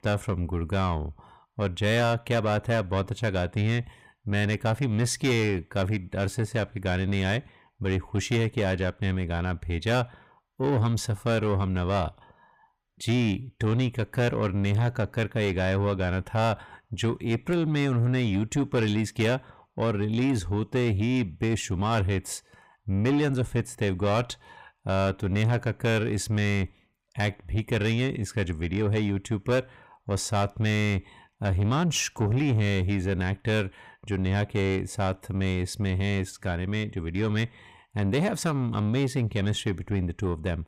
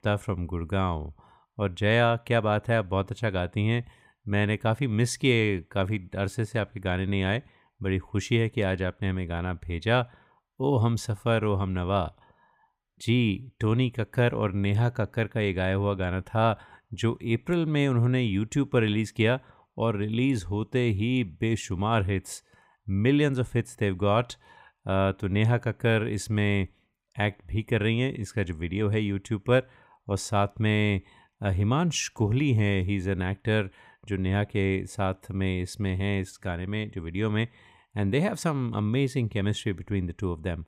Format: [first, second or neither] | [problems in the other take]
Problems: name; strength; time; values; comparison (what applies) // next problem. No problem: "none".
second | distortion; slight; 10 dB below the speech